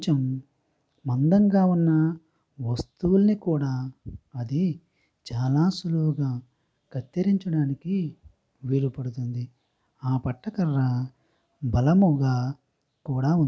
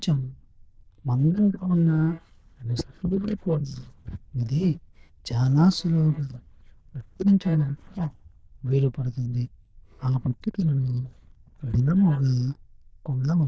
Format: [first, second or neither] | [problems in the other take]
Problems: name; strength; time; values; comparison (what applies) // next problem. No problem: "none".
first | noise reduction (neural diffusion model UNIVERSE++)